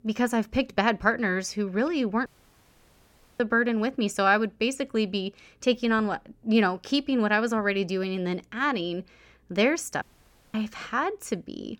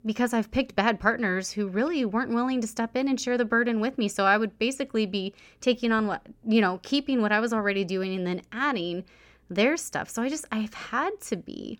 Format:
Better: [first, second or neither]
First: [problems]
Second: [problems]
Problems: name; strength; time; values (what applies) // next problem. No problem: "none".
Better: second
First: audio cutting out; at 2.5 s for 1 s and at 10 s for 0.5 s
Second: none